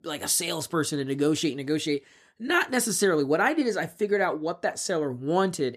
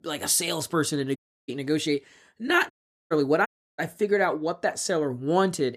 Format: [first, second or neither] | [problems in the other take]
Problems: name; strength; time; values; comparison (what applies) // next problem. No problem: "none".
first | audio cutting out; at 1 s, at 2.5 s and at 3.5 s